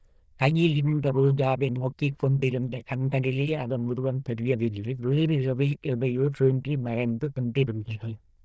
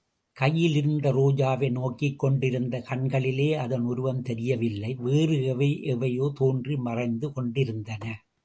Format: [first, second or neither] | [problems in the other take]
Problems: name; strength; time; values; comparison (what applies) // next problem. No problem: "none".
second | noise reduction (neural diffusion model UNIVERSE++)